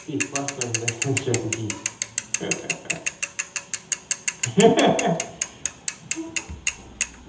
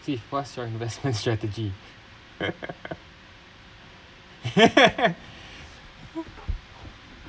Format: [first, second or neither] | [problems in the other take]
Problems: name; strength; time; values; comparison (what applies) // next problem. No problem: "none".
second | background sound (Mechanisms / Bicycle); 3 dB below the speech // room echo; dies away in 0.8 s